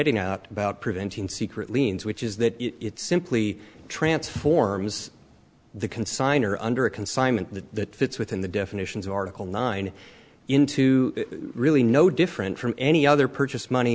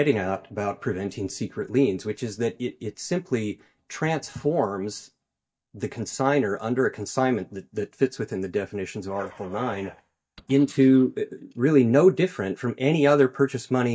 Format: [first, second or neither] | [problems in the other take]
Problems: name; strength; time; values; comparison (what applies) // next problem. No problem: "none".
first | noise reduction (neural mask model DeepFilterNet 3)